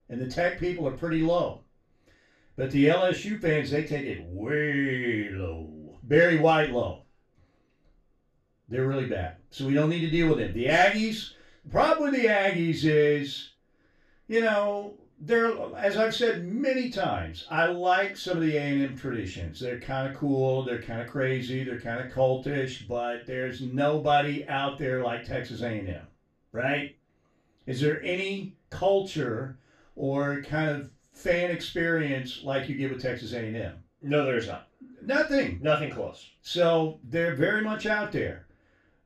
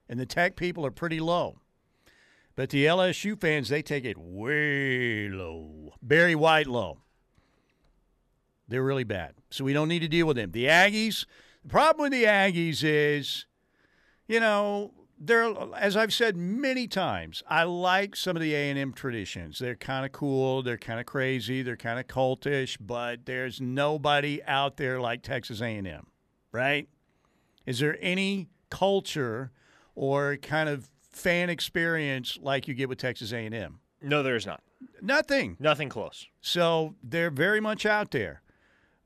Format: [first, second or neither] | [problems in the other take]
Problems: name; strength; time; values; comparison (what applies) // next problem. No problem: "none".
second | room echo; slight; dies away in 0.3 s // off-mic speech; far